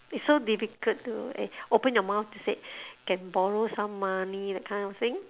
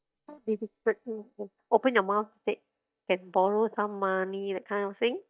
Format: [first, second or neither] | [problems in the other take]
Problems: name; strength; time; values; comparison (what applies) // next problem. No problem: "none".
first | noise reduction (neural mask model DeepFilterNet 3)